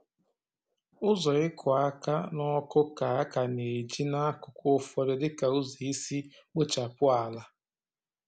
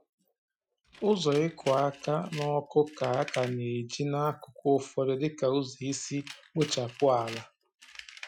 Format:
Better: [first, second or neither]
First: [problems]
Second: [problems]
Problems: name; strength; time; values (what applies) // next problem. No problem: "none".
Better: first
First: none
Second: noise reduction (classical method Wiener filter)